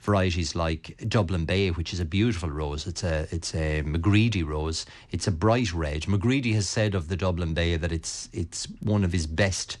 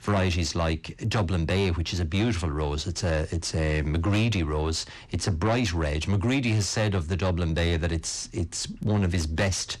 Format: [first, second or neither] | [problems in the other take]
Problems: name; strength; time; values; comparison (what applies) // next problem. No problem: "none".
first | distortion; slight; 10 dB below the speech